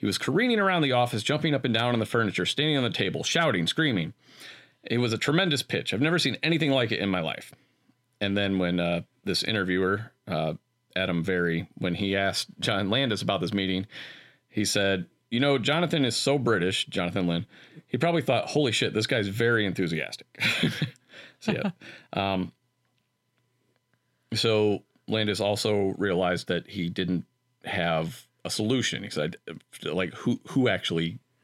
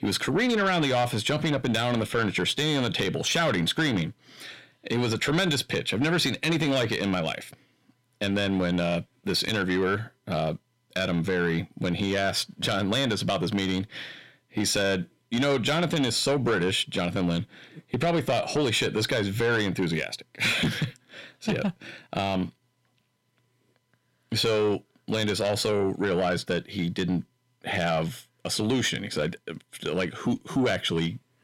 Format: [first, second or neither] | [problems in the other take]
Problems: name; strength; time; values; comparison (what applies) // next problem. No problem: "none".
first | distortion; slight; 10 dB below the speech